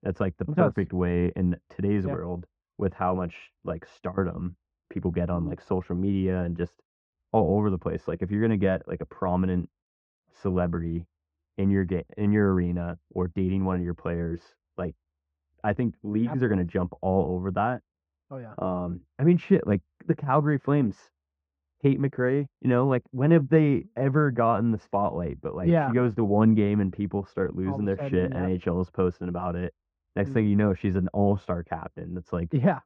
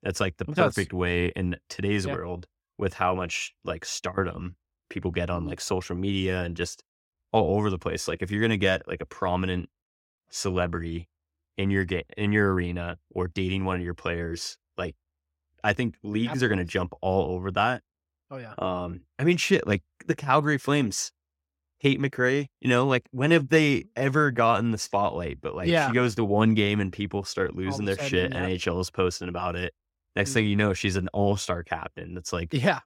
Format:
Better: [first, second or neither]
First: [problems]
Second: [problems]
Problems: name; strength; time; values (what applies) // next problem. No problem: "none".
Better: second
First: muffled; very; fading above 1 kHz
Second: none